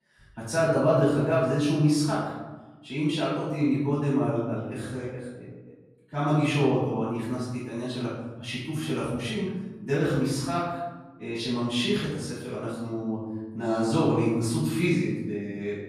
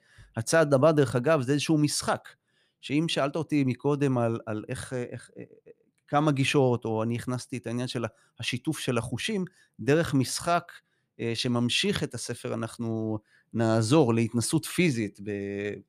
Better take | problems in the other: second | off-mic speech; far // room echo; strong; dies away in 1.1 s

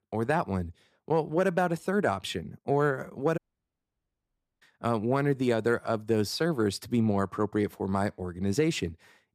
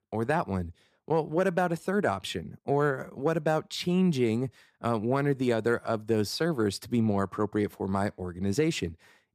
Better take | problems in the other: second | audio cutting out; at 3.5 s for 1 s

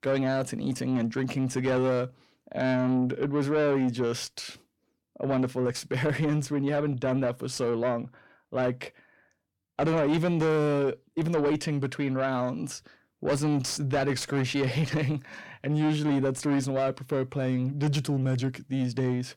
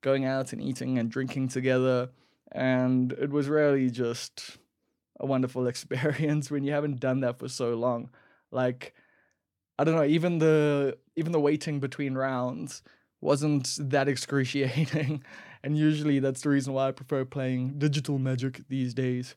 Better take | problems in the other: second | distortion; slight; 10 dB below the speech

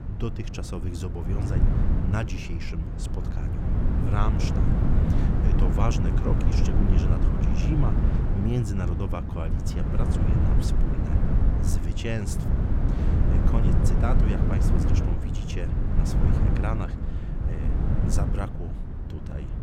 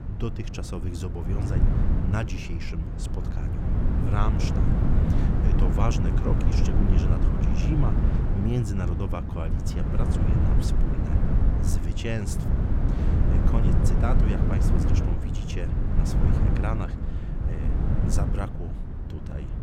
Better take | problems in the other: neither | wind noise on the microphone; heavy; 1 dB above the speech; the same in both

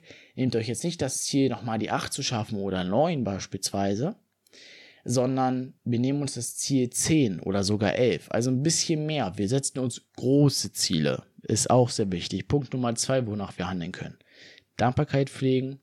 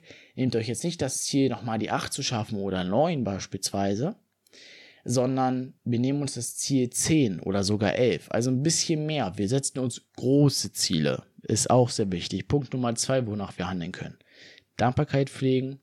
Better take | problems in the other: neither | none

